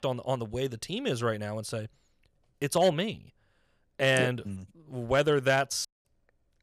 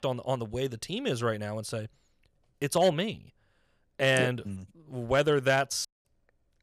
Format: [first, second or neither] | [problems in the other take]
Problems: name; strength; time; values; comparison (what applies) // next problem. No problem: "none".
neither | audio cutting out; at 6 s; the same in both